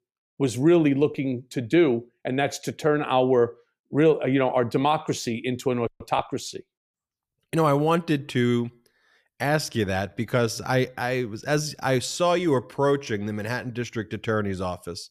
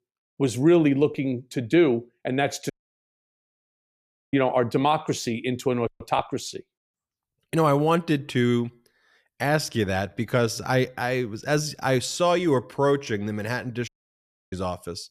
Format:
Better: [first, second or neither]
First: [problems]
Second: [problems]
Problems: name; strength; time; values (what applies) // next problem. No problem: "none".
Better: first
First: none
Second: audio cutting out; at 2.5 s for 1.5 s and at 14 s for 0.5 s